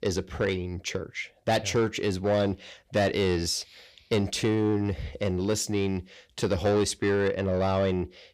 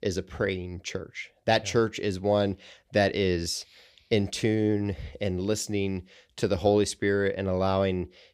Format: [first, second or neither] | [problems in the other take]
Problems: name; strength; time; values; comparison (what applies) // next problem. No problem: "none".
second | distortion; slight; 10 dB below the speech